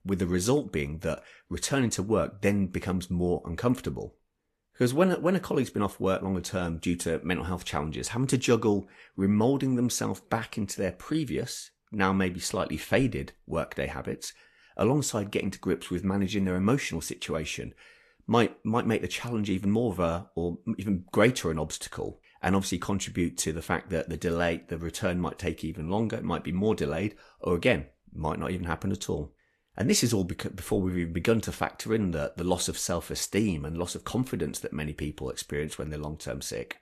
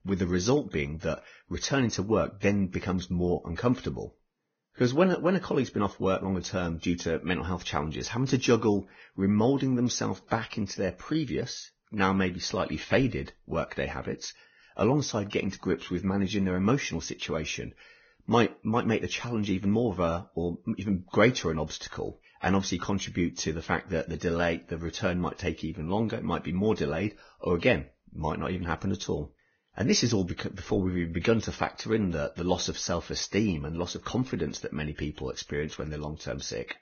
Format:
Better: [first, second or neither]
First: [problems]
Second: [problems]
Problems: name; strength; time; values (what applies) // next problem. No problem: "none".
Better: first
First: garbled, watery; slightly; nothing above 13 kHz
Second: garbled, watery; badly; nothing above 6.5 kHz